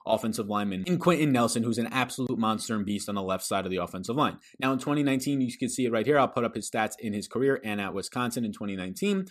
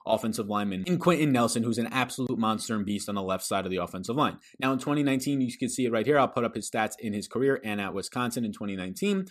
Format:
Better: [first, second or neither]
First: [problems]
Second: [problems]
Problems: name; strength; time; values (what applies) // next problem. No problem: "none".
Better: neither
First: none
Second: none